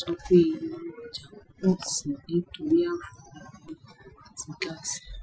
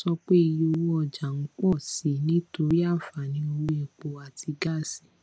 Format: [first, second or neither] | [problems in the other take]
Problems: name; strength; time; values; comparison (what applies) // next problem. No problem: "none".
second | noise reduction (classical method Wiener filter)